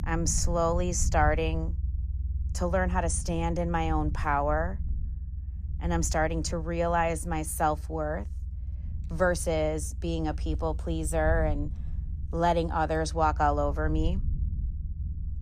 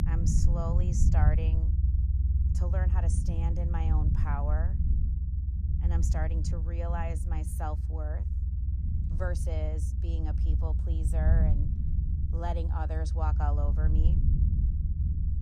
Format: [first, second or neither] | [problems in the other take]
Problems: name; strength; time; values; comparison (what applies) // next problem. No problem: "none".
first | low rumble; loud; throughout; 5 dB below the speech; faint in the first